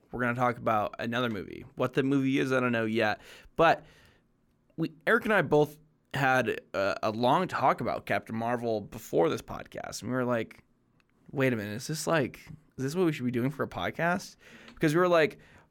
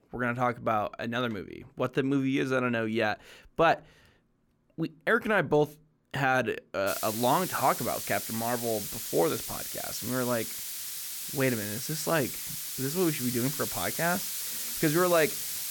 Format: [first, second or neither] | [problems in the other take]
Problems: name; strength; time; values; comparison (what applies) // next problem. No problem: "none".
first | hiss; loud; from 7 s on; 4 dB below the speech